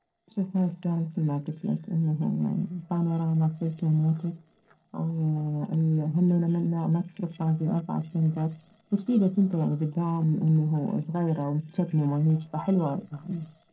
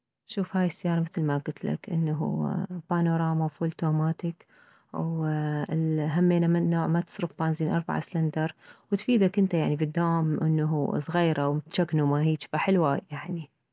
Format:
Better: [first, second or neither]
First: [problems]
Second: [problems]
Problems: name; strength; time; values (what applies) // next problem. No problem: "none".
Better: second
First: noise reduction (neural separator model SepFormer DNS4)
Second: none